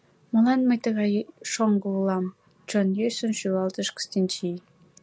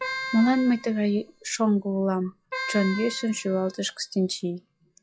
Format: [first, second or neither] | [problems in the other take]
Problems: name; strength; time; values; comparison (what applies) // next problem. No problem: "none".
first | noise reduction (classical method log-MMSE)